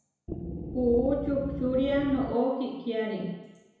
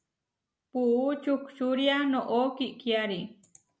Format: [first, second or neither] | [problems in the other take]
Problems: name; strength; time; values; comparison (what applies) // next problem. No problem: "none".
second | background sound (Wind instrument, woodwind instrument); 7 dB below the speech // room echo; dies away in 1 s